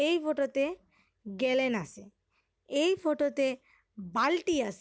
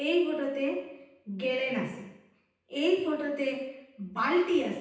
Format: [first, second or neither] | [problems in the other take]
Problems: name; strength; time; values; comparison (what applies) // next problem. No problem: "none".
first | room echo; dies away in 0.9 s